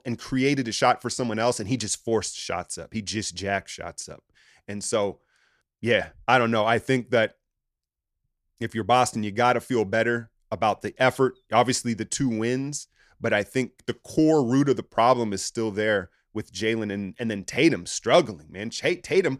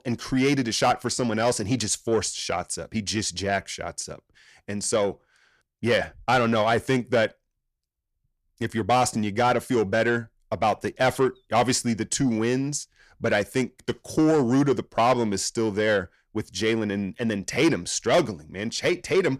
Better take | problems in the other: first | distortion; slight; 10 dB below the speech

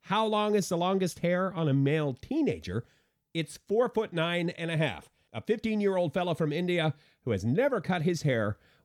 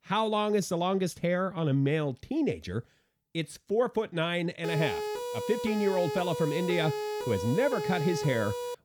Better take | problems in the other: first | siren; noticeable; from 4.5 s on; peak 4 dB below the speech

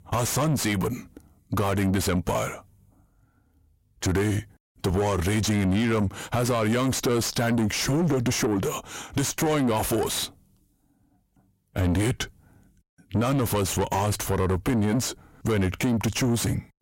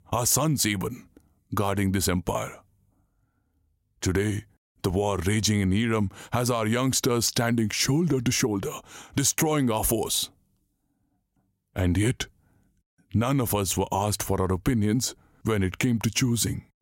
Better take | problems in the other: second | distortion; heavy; 7 dB below the speech

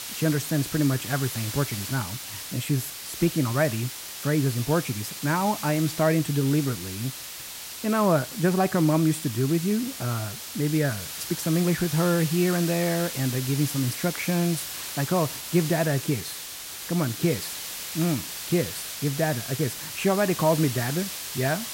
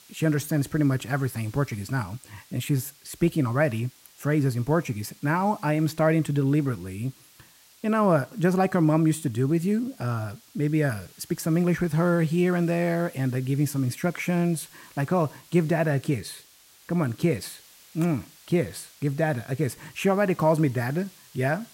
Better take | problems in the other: second | hiss; loud; throughout; 7 dB below the speech; faint in the second

